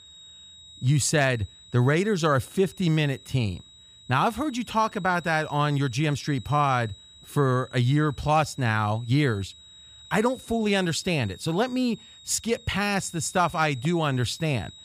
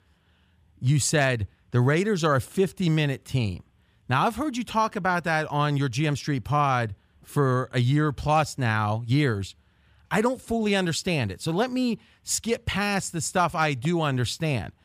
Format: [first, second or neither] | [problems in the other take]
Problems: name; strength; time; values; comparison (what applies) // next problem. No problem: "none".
second | high-pitched whine; faint; throughout; 4 kHz, 20 dB below the speech